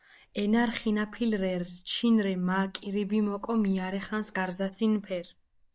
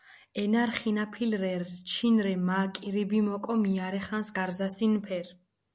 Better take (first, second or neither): second